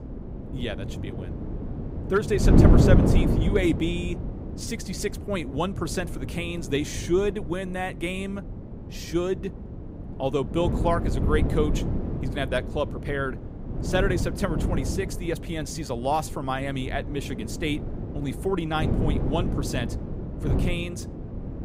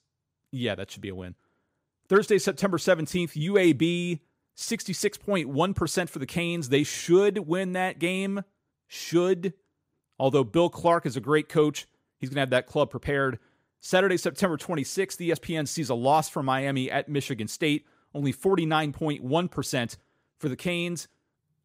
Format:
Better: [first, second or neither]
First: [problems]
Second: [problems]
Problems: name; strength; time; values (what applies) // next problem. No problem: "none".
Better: second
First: wind noise on the microphone; heavy; 6 dB below the speech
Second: none